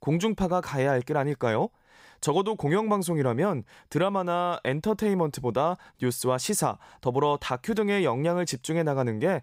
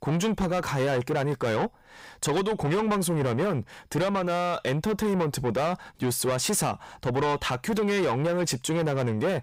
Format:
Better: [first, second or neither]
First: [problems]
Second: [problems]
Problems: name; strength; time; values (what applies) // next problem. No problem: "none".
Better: first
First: none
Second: distortion; heavy; 7 dB below the speech